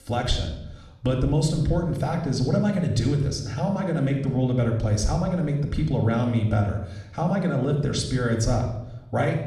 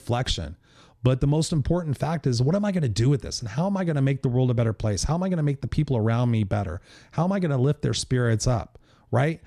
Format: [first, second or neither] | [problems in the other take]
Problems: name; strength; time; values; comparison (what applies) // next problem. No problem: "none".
second | room echo; slight; dies away in 0.7 s // off-mic speech; somewhat distant